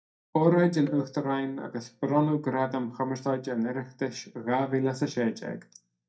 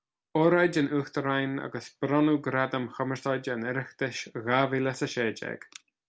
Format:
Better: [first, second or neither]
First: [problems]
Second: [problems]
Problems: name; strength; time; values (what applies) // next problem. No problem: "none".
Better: second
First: noise reduction (neural mask model DeepFilterNet 3)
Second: none